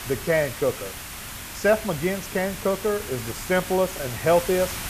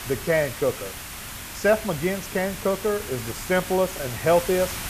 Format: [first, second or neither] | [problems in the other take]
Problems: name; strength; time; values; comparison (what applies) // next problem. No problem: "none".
neither | hiss; loud; throughout; 9 dB below the speech; the same in both